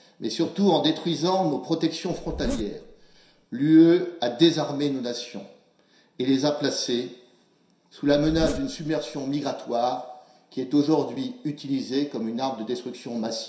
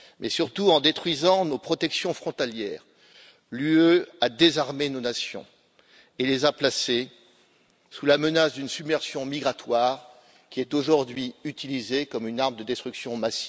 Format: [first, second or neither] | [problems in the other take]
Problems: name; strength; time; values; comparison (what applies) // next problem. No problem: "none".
second | background sound (Zipper (clothing)); 10 dB below the speech // room echo; dies away in 0.7 s